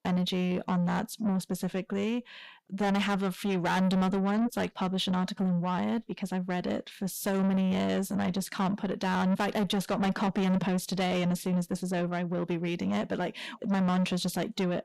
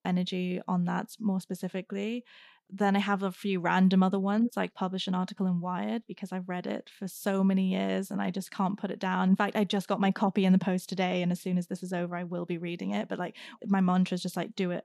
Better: second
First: distortion; heavy; 8 dB below the speech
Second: none

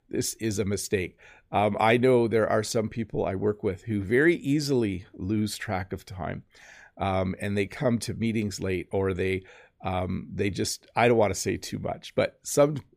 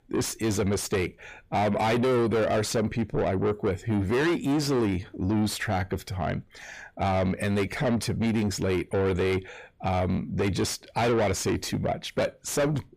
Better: first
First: none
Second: distortion; heavy; 6 dB below the speech

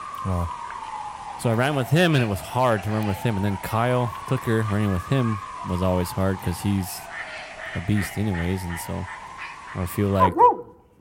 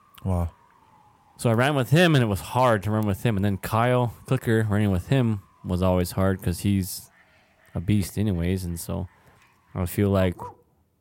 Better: second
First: animal sounds; loud; throughout; 5 dB below the speech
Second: animal sounds; faint; throughout; 30 dB below the speech

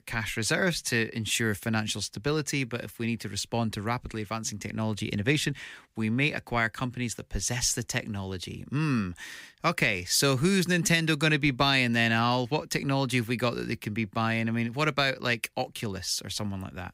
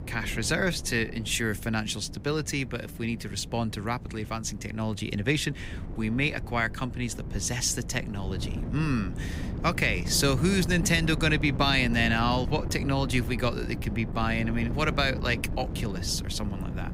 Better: first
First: none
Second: wind noise on the microphone; occasional gusts; 15 dB below the speech

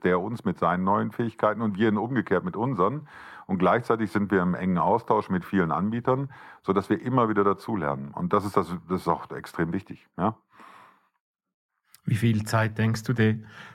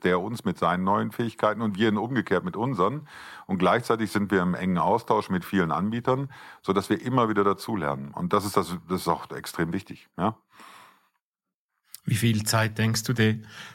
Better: second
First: muffled; slightly; fading above 2.5 kHz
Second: none

